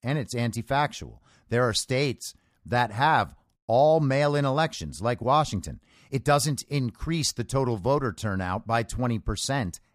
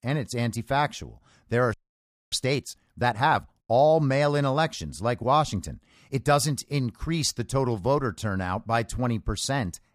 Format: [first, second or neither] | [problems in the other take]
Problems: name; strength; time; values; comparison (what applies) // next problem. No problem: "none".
first | audio freezing; at 1.5 s for 0.5 s